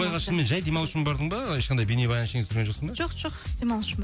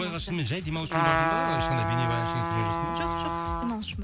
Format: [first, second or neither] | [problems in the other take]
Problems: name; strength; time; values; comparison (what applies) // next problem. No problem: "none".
first | background sound (Trumpet); 2 dB above the speech